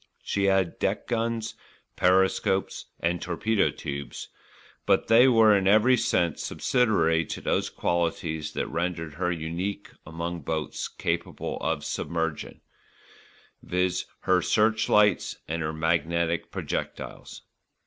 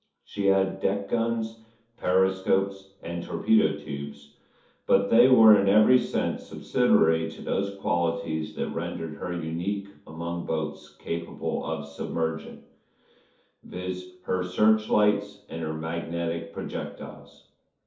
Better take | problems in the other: first | room echo; dies away in 0.5 s

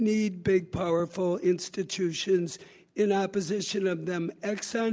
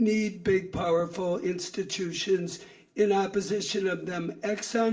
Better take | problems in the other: first | room echo; dies away in 0.4 s

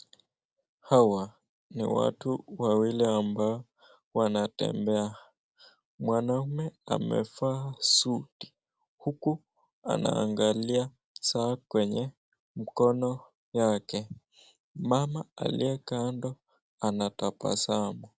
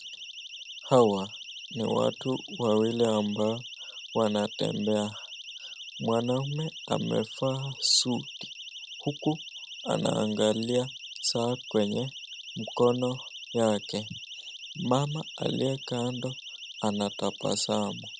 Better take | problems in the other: first | background sound (Siren); 13 dB below the speech

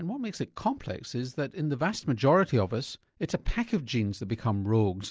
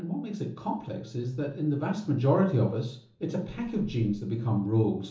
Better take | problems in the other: first | room echo; dies away in 1.2 s

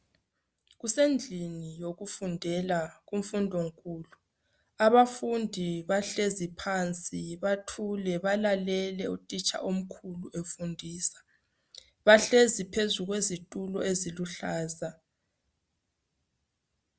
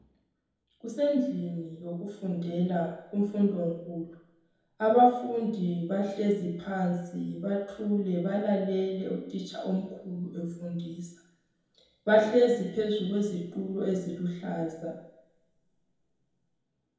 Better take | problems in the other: first | room echo; dies away in 2 s

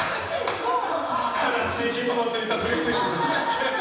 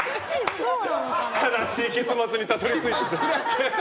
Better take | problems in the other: second | room echo; dies away in 1.1 s

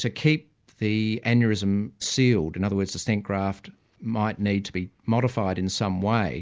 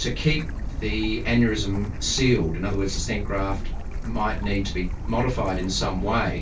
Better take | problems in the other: first | background sound (Stream / Bird); 3 dB below the speech // room echo; dies away in 0.1 s

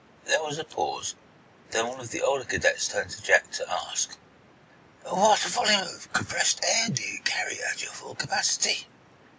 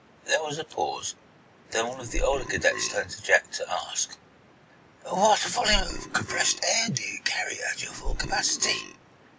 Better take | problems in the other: first | background sound (Burping, eructation); 5 dB below the speech

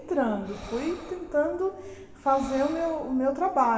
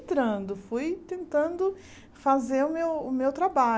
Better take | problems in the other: second | background sound (Breathing); 19 dB below the speech // room echo; dies away in 1.3 s

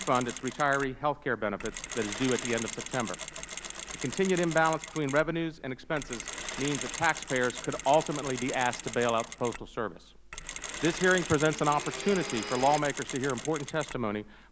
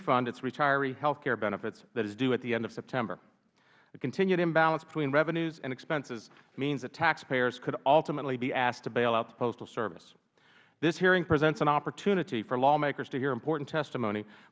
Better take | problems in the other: second | background sound (Domestic sounds, home sounds + Mechanisms); 10 dB below the speech

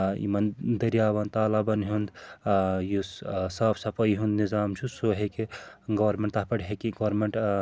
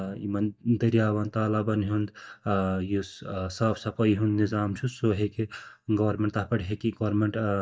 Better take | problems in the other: first | noise reduction (neural mask model DeepFilterNet 3)

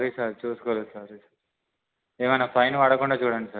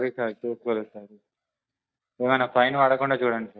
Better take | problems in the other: first | noise reduction (neural mask model DeepFilterNet 3)

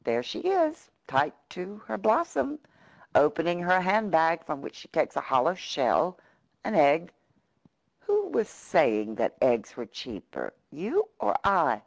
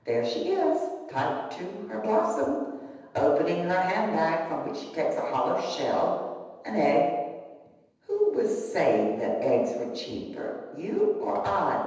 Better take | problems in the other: first | room echo; dies away in 1.1 s

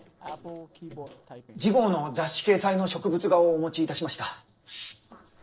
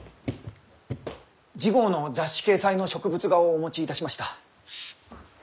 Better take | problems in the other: second | noise reduction (neural separator model SepFormer DNS4)

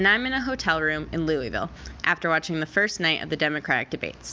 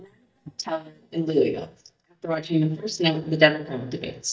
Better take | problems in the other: first | noise reduction (neural mask model DeepFilterNet 3)

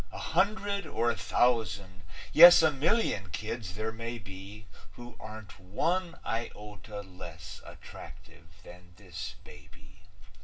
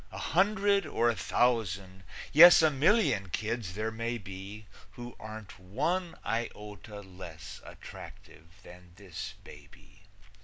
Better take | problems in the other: second | room echo; dies away in 0.2 s

